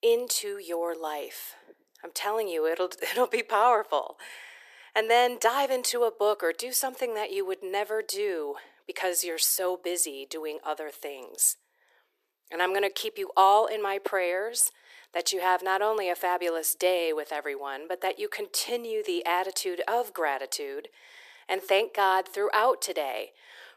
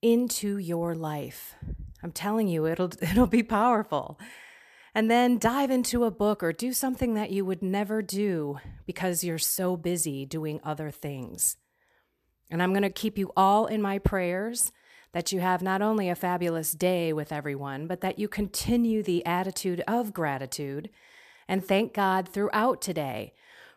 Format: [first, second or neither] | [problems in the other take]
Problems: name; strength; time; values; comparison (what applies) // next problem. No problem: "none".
second | thin; very; fading below 350 Hz